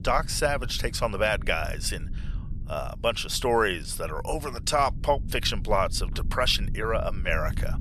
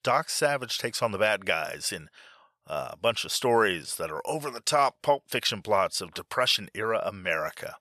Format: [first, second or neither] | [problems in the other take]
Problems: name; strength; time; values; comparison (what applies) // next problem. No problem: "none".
second | low rumble; faint; throughout; 25 dB below the speech